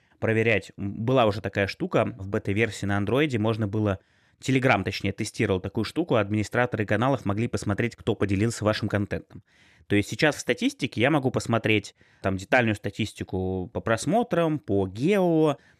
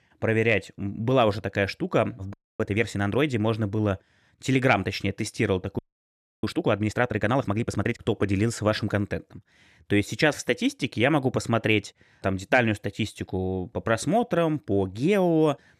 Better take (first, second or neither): first